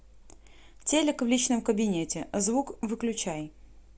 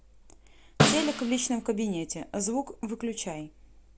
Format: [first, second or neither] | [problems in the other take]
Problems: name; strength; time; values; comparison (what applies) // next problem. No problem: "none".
first | background sound (Snare drum); 2 dB above the speech